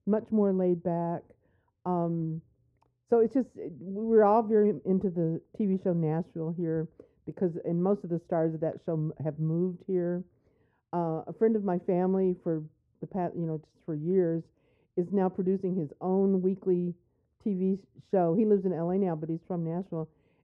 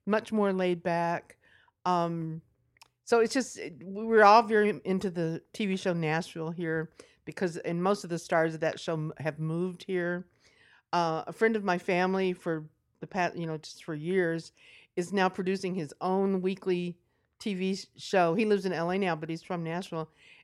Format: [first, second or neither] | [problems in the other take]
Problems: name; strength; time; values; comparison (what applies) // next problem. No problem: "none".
second | muffled; very; fading above 1.5 kHz